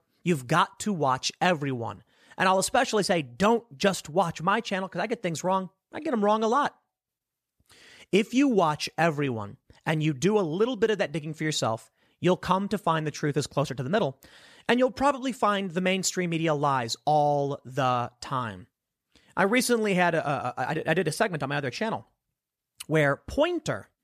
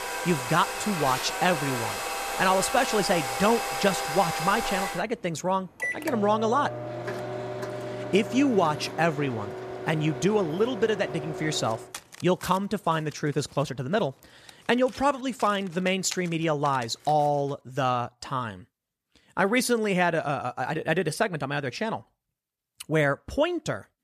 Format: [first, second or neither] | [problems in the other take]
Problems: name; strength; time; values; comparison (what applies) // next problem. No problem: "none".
first | household noises; loud; until 17 s; 6 dB below the speech